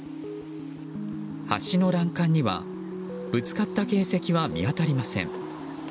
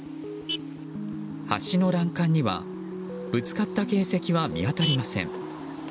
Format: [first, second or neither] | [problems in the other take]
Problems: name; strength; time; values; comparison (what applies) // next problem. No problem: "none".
first | background sound (Vehicle horn, car horn, honking); 14 dB below the speech